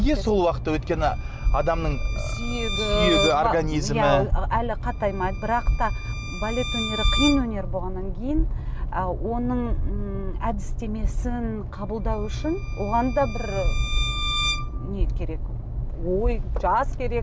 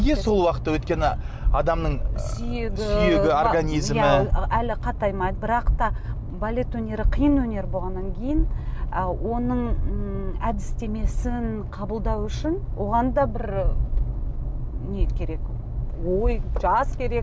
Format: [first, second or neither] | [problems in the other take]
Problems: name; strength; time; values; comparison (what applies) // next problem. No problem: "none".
second | background sound (Bowed string instrument); 10 dB below the speech